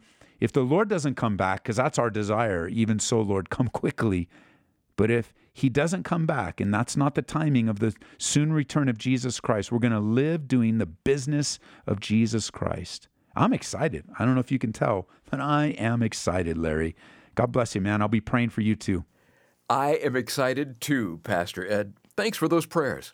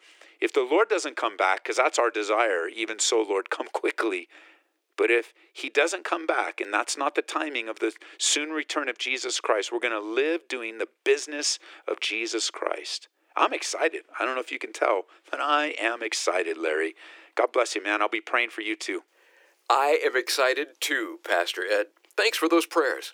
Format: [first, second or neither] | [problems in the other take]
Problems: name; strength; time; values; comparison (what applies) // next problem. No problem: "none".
first | thin; very; fading below 300 Hz